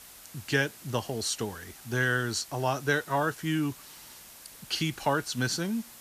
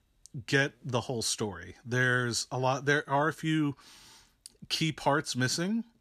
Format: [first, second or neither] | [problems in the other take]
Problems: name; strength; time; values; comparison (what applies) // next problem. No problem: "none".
second | hiss; noticeable; throughout; 15 dB below the speech